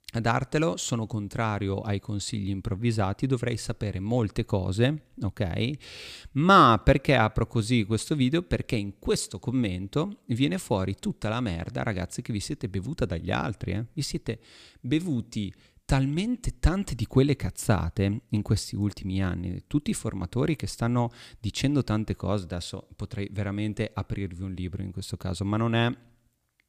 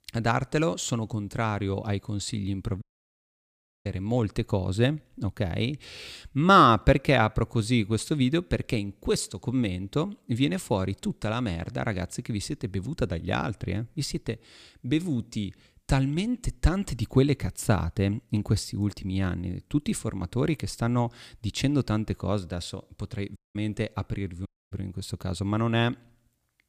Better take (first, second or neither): first